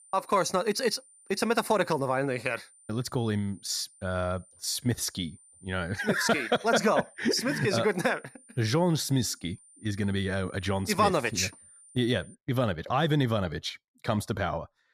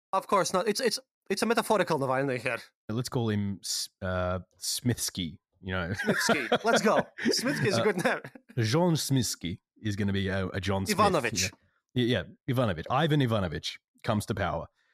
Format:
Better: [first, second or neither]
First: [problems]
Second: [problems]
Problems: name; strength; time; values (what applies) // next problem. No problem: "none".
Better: second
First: high-pitched whine; faint; until 12 s; 9 kHz, 25 dB below the speech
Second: none